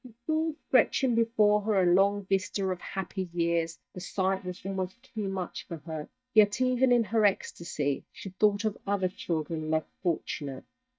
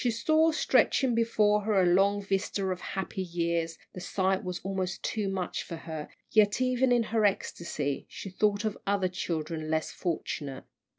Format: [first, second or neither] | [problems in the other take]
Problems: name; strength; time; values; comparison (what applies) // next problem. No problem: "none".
second | noise reduction (neural mask model DeepFilterNet 3)